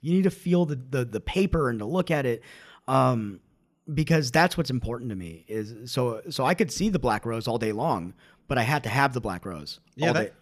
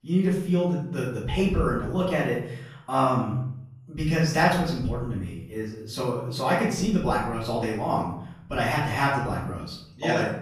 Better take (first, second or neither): first